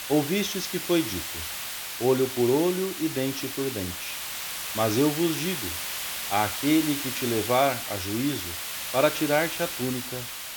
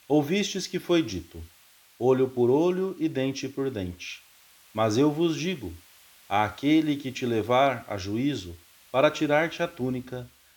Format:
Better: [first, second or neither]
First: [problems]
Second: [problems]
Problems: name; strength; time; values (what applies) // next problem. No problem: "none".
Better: second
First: hiss; loud; throughout; 4 dB below the speech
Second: hiss; faint; throughout; 25 dB below the speech